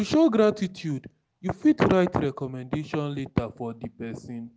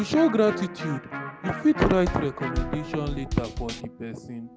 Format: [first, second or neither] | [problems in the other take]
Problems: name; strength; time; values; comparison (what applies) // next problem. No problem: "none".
first | background sound (Drum kit + Electric guitar); 7 dB below the speech